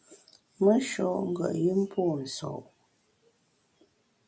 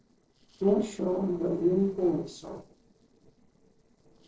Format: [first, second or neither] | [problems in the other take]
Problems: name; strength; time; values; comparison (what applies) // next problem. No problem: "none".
first | noise reduction (neural separator model SepFormer DNS4)